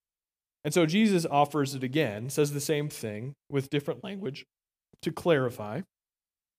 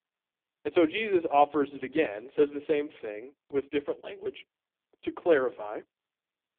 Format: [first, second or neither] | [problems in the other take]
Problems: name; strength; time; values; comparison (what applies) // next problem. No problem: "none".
first | phone-call audio; poor line; nothing above 3.5 kHz